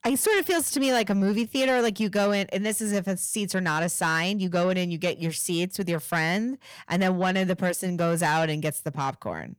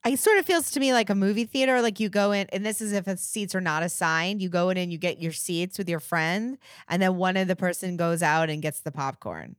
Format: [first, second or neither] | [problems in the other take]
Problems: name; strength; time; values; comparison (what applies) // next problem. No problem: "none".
second | distortion; slight; 10 dB below the speech